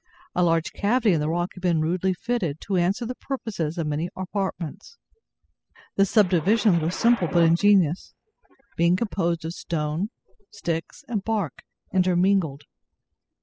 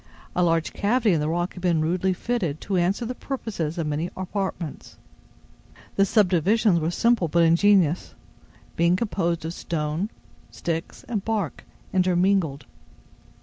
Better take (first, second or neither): second